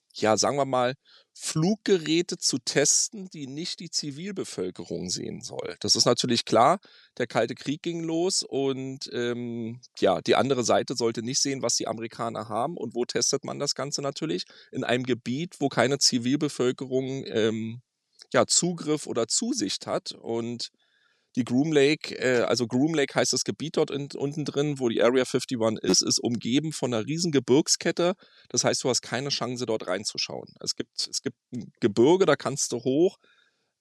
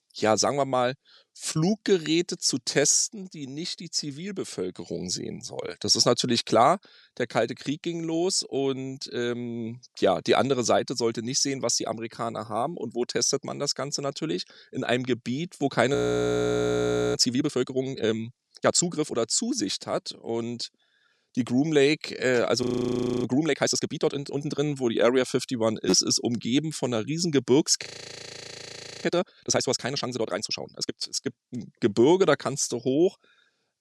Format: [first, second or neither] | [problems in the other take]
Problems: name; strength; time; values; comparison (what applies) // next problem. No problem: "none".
first | audio freezing; at 16 s for 1 s, at 23 s for 0.5 s and at 28 s for 1 s